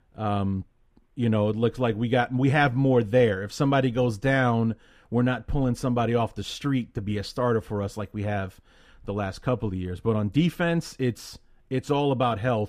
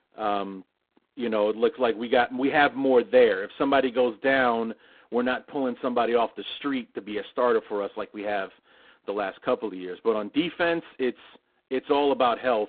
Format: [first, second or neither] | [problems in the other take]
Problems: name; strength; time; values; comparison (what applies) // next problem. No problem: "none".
first | phone-call audio; poor line; nothing above 3.5 kHz